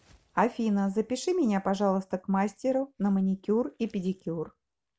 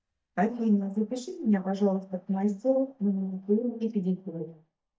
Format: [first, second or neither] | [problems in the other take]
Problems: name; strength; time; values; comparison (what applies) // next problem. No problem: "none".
first | noise reduction (neural mask model DeepFilterNet 3)